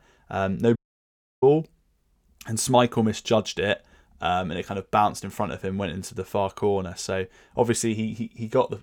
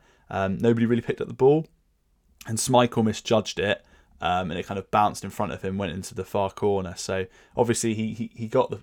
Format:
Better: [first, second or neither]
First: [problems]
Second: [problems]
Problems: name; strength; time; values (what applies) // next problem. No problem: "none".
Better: second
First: audio cutting out; at 1 s for 0.5 s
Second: none